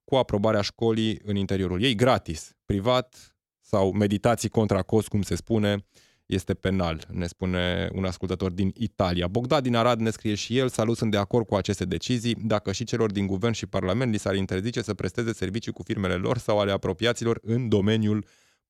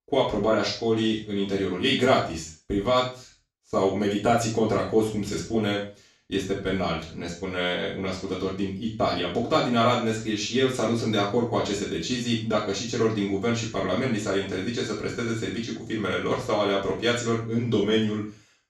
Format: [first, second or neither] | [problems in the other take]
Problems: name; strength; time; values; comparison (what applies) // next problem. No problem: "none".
first | room echo; noticeable; dies away in 0.3 s // off-mic speech; far